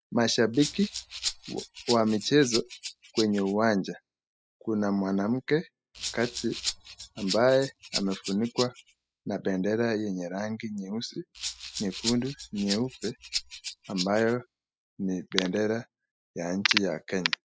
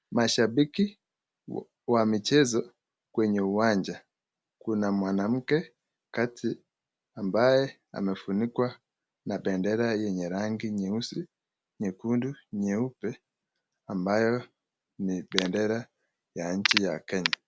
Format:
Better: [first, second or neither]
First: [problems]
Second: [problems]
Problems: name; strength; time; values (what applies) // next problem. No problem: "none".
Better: second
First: noise reduction (classical method spectral subtraction)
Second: none